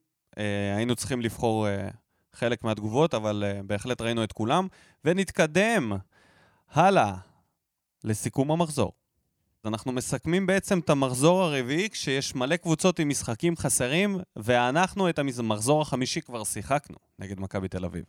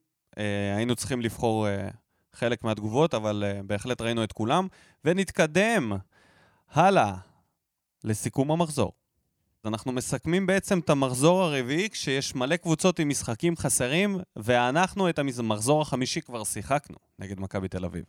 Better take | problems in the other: neither | none

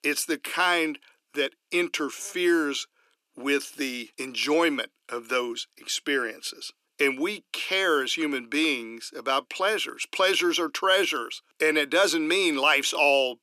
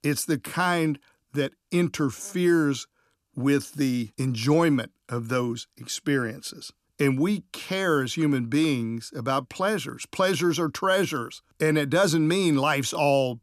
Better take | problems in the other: second | thin; somewhat; fading below 350 Hz

